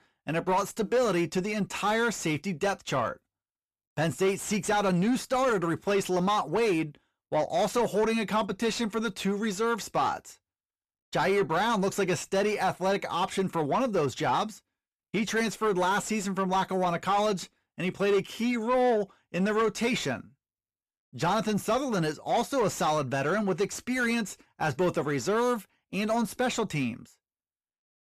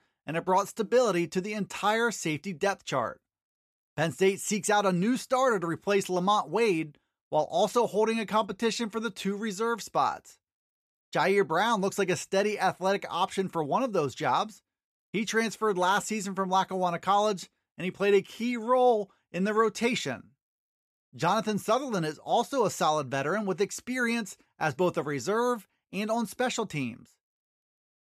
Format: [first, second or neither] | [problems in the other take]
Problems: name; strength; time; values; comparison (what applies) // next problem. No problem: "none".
second | distortion; slight; 10 dB below the speech